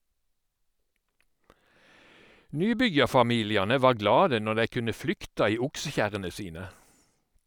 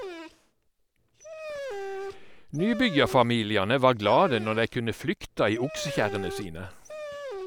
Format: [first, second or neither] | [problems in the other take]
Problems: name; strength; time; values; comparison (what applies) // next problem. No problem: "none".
first | background sound (Dog); 12 dB below the speech